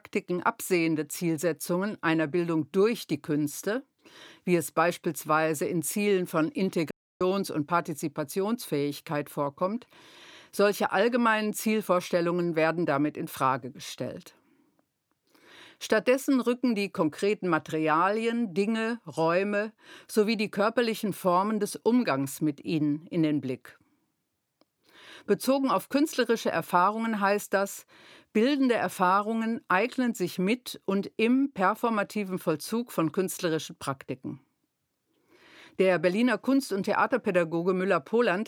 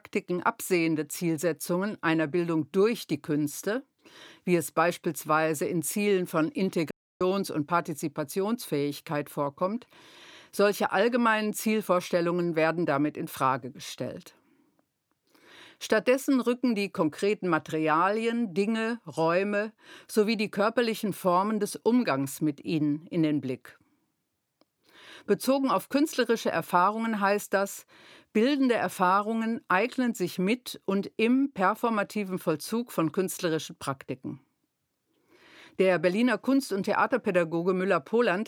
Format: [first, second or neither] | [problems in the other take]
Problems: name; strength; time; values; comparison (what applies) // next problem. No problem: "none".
neither | audio cutting out; at 7 s; the same in both